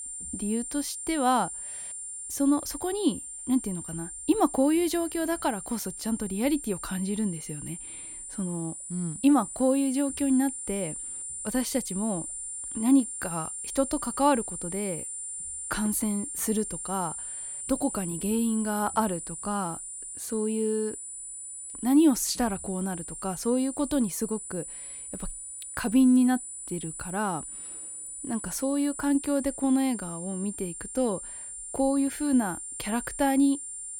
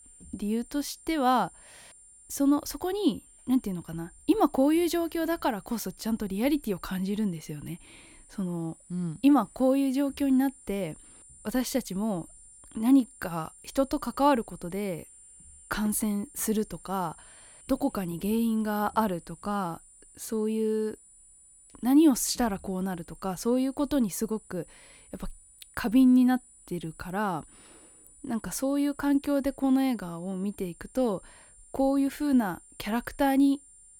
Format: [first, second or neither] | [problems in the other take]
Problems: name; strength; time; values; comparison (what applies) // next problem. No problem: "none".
second | high-pitched whine; loud; throughout; 9 kHz, 7 dB below the speech; faint in the second